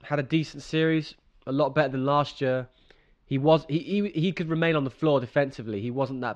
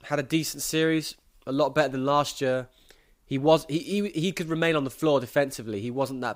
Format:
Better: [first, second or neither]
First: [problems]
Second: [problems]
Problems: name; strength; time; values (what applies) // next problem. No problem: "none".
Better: second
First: muffled; slightly; fading above 4 kHz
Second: none